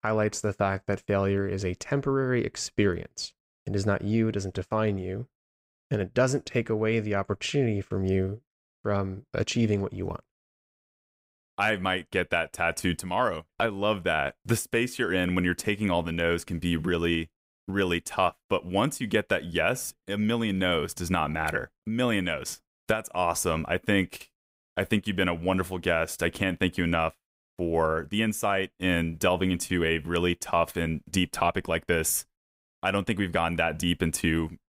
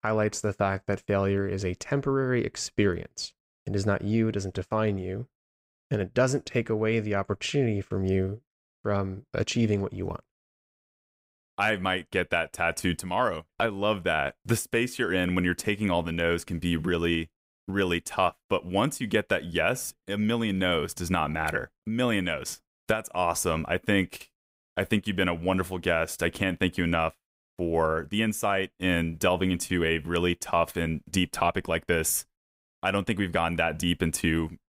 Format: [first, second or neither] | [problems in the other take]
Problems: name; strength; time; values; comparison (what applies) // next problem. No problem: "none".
neither | none